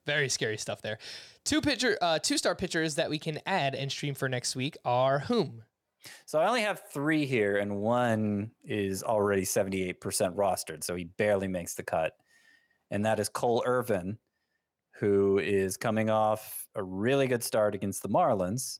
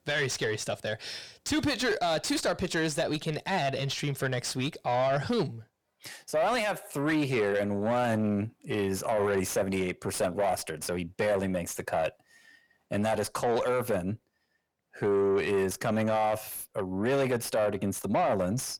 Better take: first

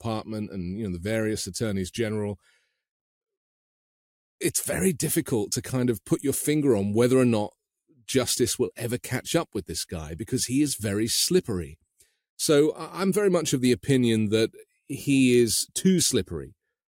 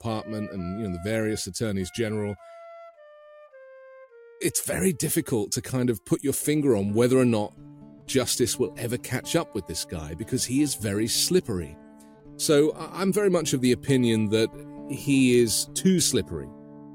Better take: first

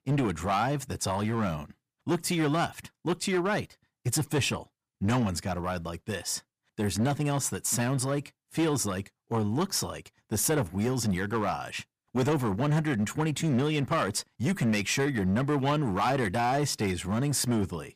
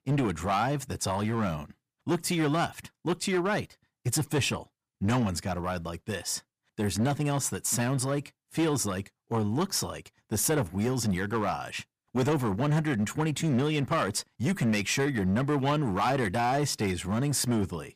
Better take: neither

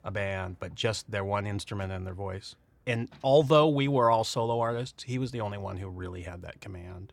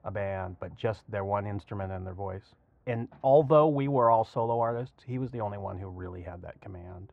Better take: first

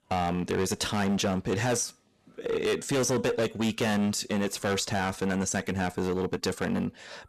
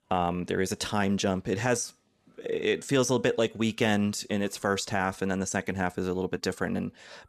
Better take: second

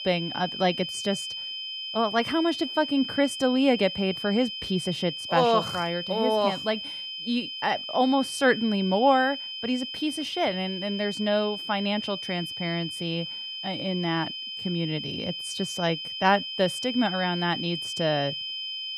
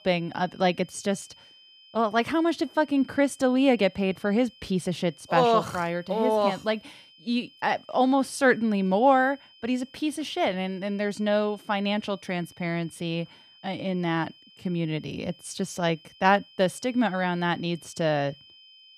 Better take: second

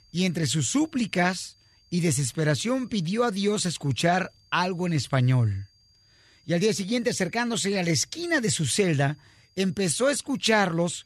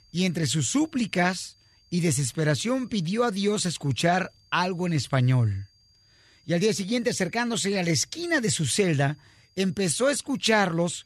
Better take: neither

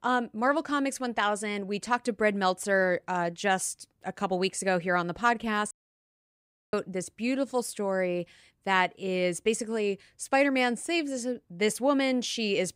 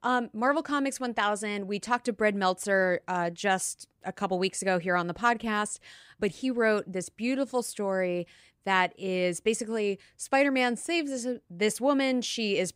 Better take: second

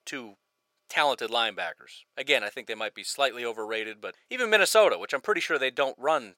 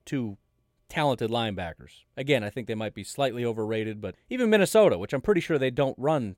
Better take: second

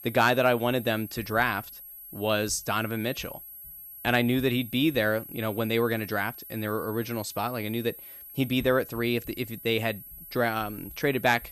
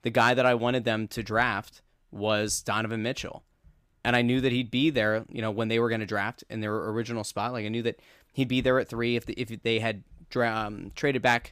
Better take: second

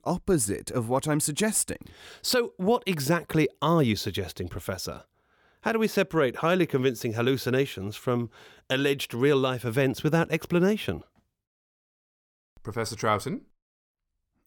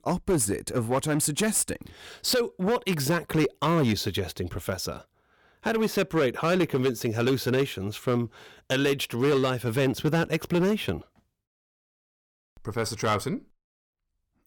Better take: first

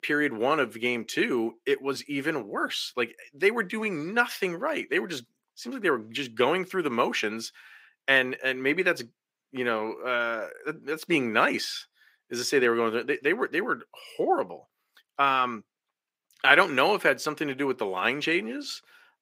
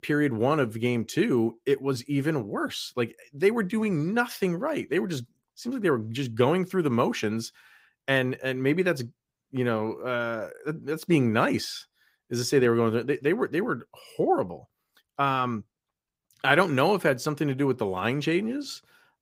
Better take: second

